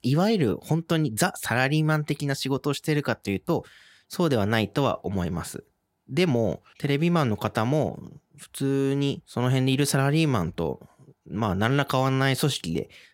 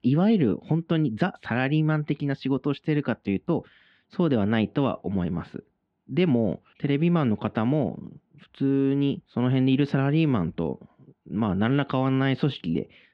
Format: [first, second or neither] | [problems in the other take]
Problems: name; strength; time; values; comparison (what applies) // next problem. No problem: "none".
first | muffled; slightly; fading above 3 kHz